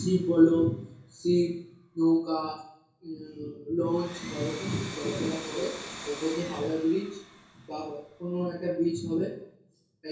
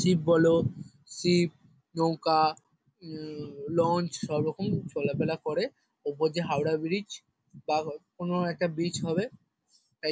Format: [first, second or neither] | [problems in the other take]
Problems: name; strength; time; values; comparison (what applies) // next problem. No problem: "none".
second | background sound (Domestic sounds, home sounds); 17 dB below the speech // room echo; dies away in 0.6 s